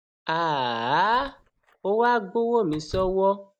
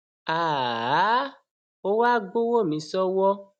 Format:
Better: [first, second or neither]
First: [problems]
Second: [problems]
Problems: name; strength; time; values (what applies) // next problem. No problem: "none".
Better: second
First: background sound (Door / Car); 20 dB below the speech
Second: none